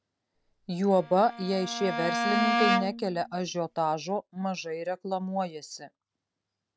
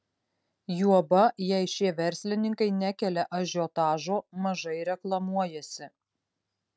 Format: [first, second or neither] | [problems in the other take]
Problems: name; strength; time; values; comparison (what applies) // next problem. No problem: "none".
second | background sound (Bowed string instrument); 1 dB below the speech